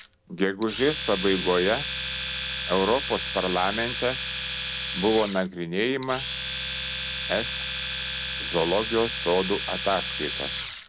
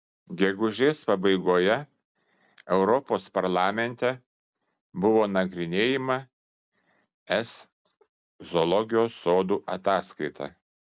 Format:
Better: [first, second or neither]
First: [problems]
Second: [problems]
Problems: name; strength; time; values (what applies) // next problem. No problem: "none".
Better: second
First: background sound (Domestic sounds, home sounds); 4 dB below the speech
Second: none